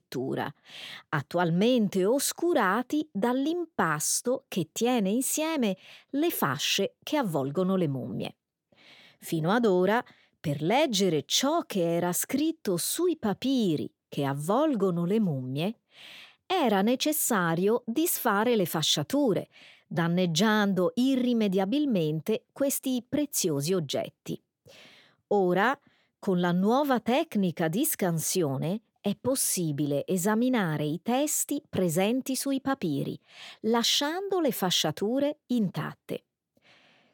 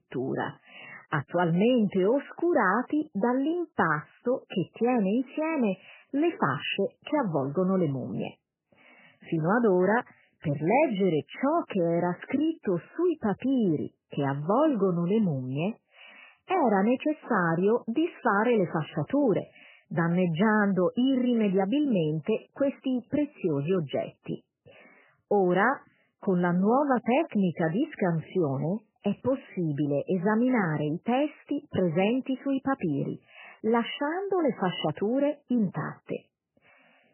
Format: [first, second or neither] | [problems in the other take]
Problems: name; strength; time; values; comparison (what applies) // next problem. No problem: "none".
first | garbled, watery; badly; nothing above 3 kHz